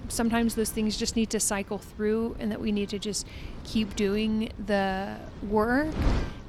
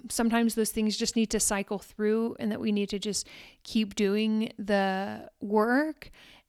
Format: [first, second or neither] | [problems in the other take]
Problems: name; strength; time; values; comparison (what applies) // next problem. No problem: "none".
second | wind noise on the microphone; occasional gusts; 15 dB below the speech